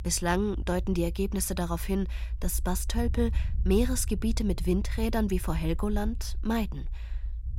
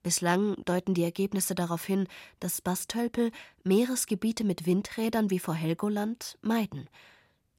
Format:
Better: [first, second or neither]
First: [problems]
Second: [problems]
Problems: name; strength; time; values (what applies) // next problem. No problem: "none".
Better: second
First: low rumble; faint; throughout; 20 dB below the speech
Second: none